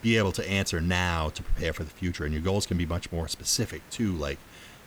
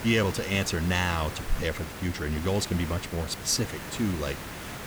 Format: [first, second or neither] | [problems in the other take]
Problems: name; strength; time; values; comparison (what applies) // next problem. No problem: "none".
first | hiss; loud; throughout; 9 dB below the speech; faint in the first